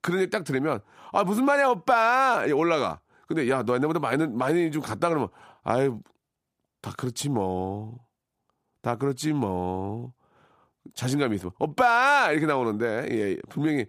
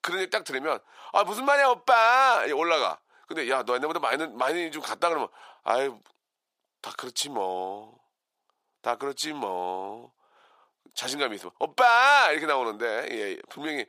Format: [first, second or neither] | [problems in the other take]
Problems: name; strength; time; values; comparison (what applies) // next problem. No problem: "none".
first | thin; very; fading below 650 Hz